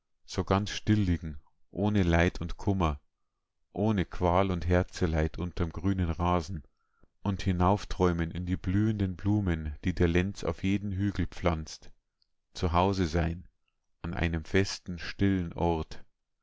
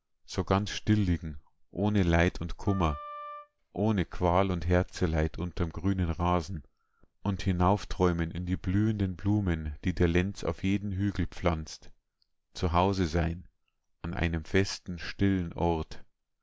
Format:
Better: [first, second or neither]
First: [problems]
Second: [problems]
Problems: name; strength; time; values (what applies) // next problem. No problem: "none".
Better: first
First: none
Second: background sound (Wind instrument, woodwind instrument); 15 dB below the speech